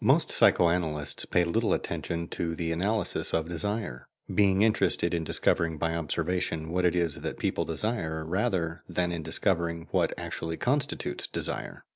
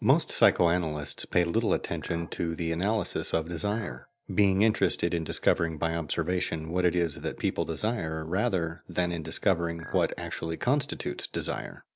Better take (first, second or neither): first